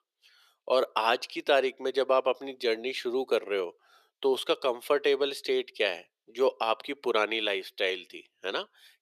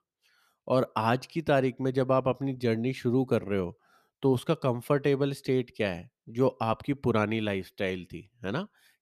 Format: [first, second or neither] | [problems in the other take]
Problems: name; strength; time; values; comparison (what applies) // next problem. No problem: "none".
second | thin; very; fading below 400 Hz